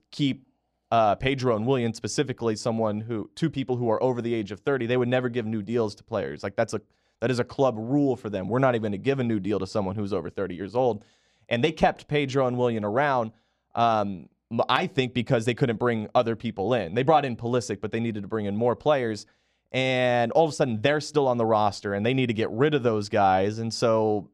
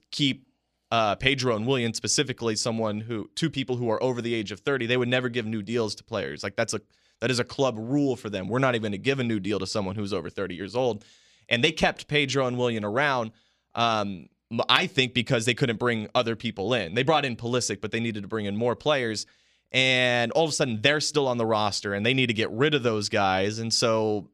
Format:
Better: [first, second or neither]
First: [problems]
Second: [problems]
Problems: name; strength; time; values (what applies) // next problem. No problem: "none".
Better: second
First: muffled; slightly; fading above 1.5 kHz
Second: none